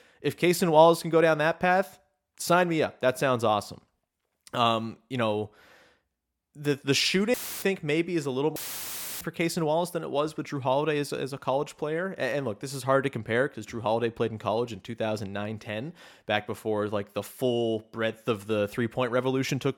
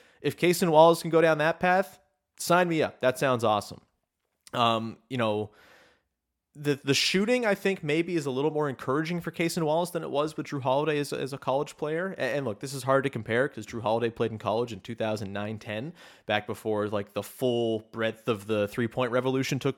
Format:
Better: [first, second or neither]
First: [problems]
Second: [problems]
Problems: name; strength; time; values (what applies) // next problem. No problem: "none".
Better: second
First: audio cutting out; filled with static; at 7.5 s and at 8.5 s for 0.5 s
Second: none